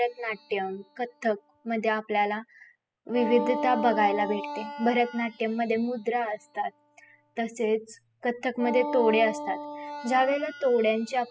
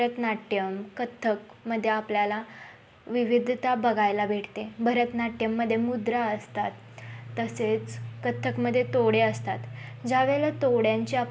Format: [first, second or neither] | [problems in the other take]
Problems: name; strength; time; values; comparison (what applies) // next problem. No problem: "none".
second | noise reduction (classical method spectral subtraction)